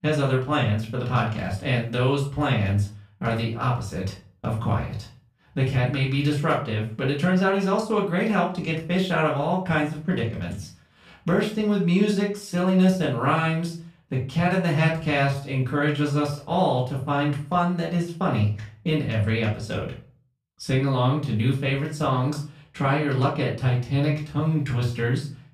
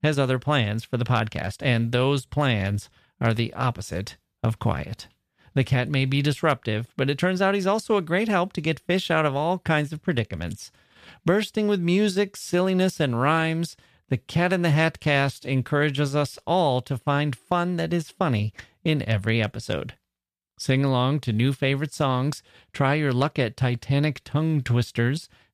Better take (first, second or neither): second